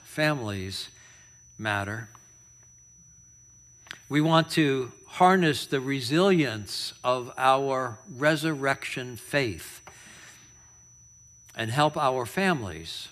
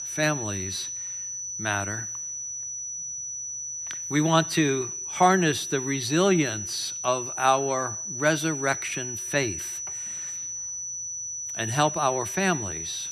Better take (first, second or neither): first